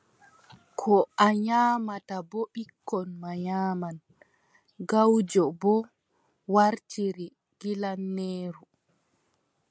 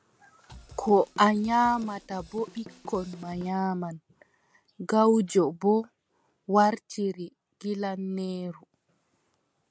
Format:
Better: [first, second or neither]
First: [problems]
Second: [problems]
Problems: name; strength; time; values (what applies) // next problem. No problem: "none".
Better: first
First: none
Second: background sound (Drum / Drum kit); 20 dB below the speech